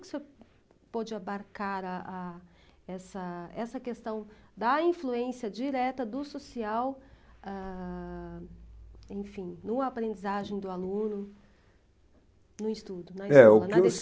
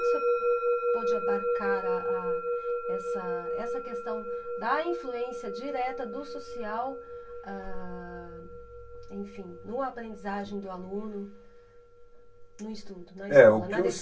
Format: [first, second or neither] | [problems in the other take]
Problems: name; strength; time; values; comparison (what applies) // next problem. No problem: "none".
first | background sound (Musical instrument); 2 dB below the speech // room echo; dies away in 0.1 s